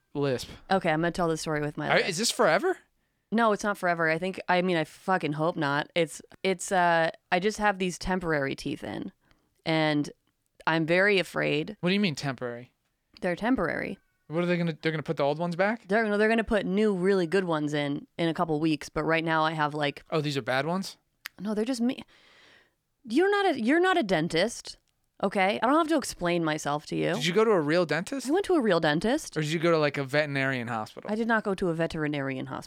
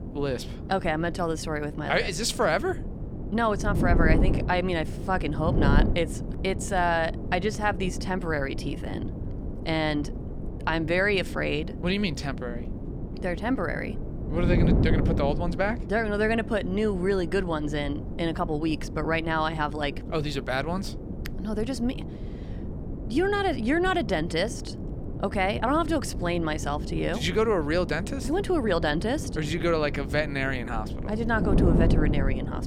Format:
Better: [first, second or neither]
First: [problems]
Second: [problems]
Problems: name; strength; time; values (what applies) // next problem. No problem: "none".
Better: first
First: none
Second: wind noise on the microphone; occasional gusts; 10 dB below the speech